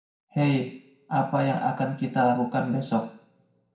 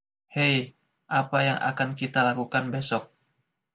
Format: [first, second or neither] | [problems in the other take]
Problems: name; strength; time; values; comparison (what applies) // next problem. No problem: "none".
second | room echo; dies away in 0.5 s